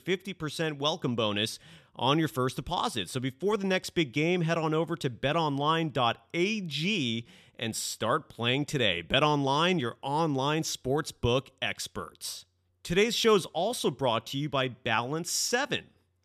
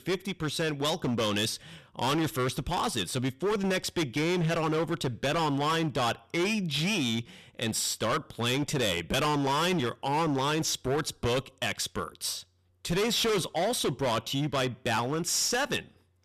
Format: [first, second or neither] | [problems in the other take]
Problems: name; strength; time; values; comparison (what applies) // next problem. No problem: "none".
first | distortion; heavy; 20% of the sound clipped